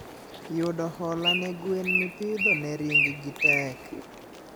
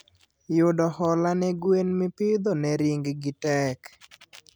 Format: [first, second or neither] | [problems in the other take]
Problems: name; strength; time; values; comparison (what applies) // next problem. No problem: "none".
second | background sound (Bird); 3 dB above the speech